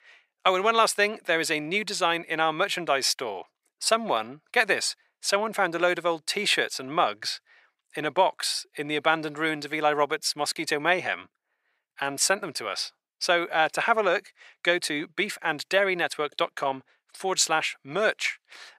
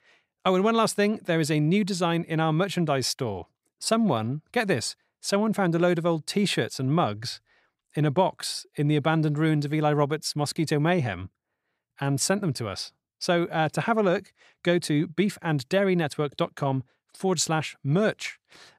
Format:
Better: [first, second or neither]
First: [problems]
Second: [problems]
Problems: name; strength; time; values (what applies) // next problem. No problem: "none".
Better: second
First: thin; very; fading below 500 Hz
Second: none